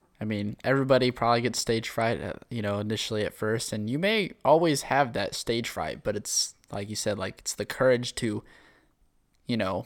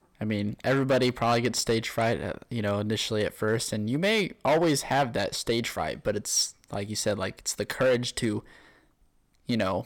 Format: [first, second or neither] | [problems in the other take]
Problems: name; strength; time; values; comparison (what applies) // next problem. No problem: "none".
first | distortion; slight; 4% of the sound clipped